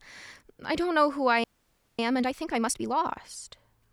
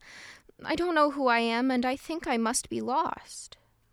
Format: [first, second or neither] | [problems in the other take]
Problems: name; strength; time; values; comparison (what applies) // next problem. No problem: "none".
second | audio freezing; at 1.5 s for 0.5 s